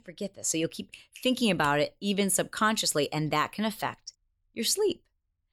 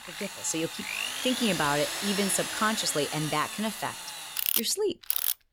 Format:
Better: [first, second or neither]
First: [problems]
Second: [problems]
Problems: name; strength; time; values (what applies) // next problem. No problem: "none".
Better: first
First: none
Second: machinery noise; loud; throughout; 2 dB below the speech